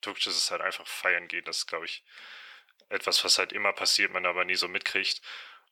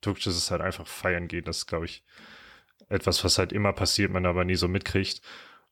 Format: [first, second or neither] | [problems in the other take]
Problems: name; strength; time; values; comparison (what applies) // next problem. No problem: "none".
second | thin; very; fading below 600 Hz